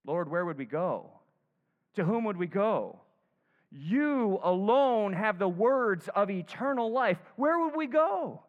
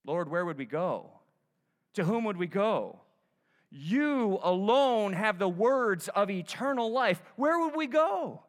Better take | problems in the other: second | muffled; slightly; fading above 3.5 kHz

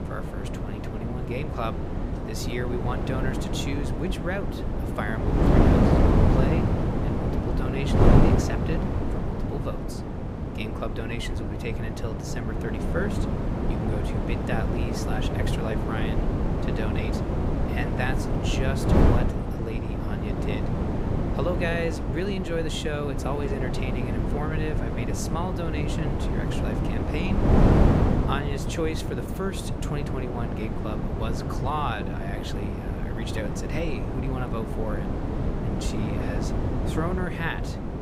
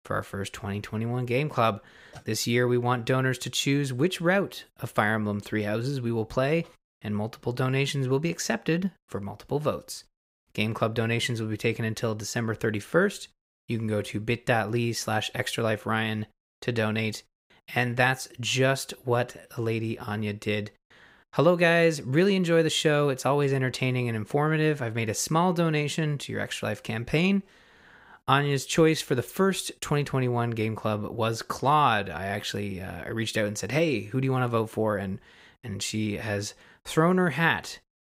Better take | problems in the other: second | wind noise on the microphone; heavy; 2 dB above the speech

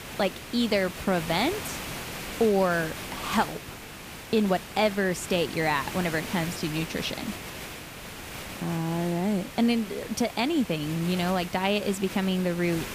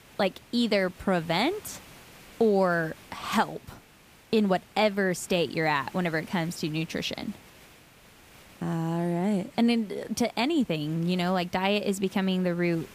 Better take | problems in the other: second | hiss; loud; throughout; 10 dB below the speech; faint in the second

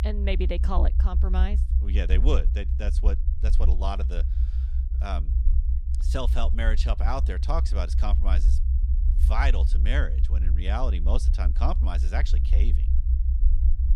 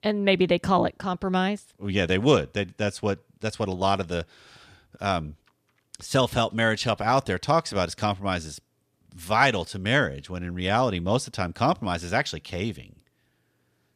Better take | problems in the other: second | low rumble; noticeable; throughout; 10 dB below the speech

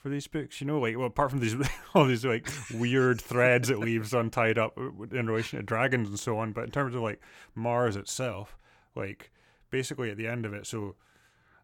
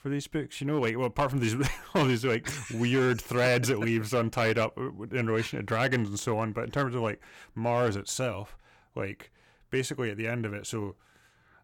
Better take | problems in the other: first | distortion; slight; 4% of the sound clipped

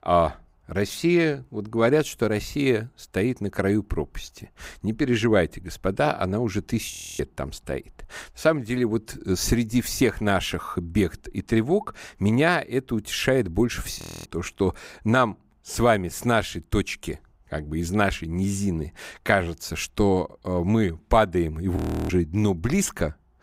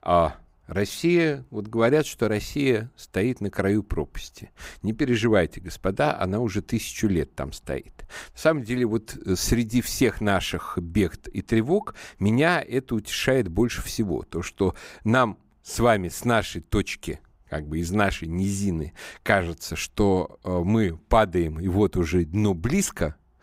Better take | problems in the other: second | audio freezing; at 7 s, at 14 s and at 22 s

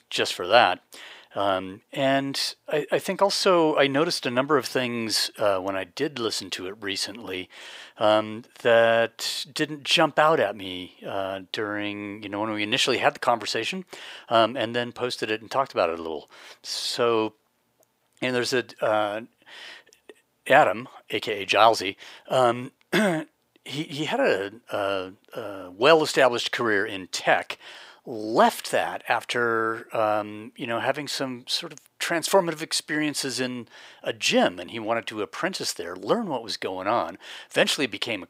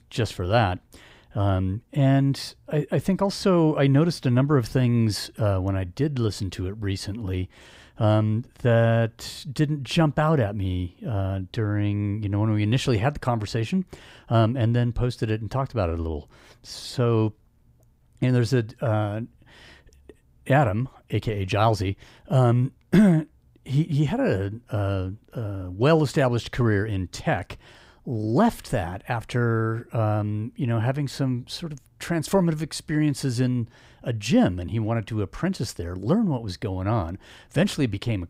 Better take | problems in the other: second | thin; very; fading below 500 Hz

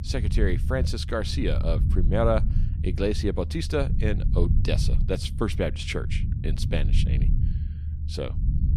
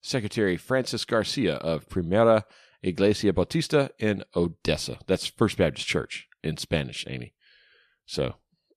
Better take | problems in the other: second | low rumble; noticeable; throughout; 10 dB below the speech

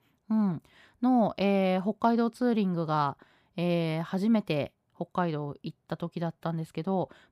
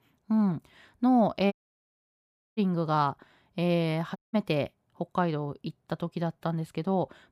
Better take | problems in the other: first | audio cutting out; at 1.5 s for 1 s and at 4 s

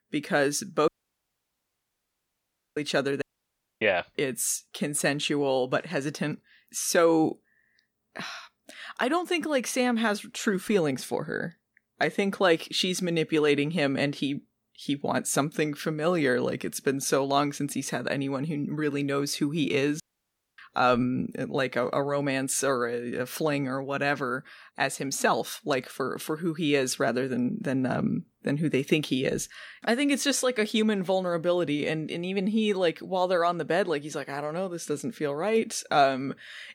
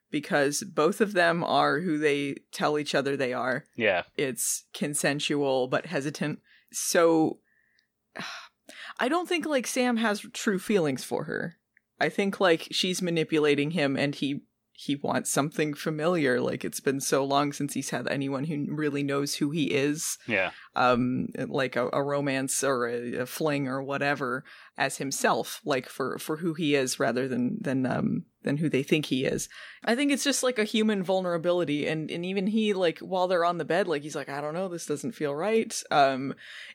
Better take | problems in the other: second | audio cutting out; at 1 s for 2 s, at 3 s for 0.5 s and at 20 s for 0.5 s

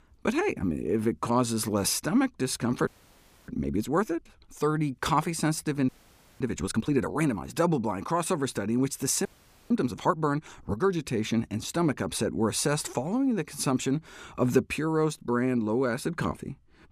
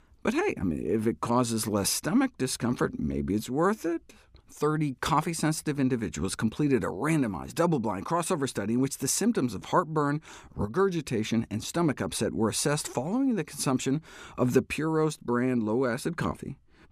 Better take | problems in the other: second | audio freezing; at 3 s for 0.5 s, at 6 s for 0.5 s and at 9.5 s

